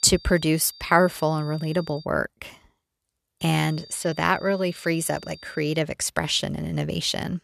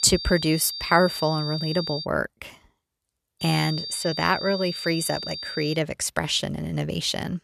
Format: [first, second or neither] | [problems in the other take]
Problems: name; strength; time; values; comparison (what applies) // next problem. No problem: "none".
first | high-pitched whine; loud; until 2 s and from 3.5 to 5.5 s; 4.5 kHz, 7 dB below the speech; faint in the first